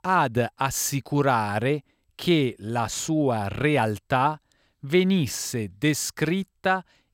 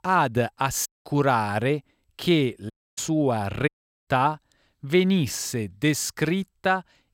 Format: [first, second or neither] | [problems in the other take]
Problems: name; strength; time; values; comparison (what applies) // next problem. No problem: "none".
first | audio cutting out; at 1 s, at 2.5 s and at 3.5 s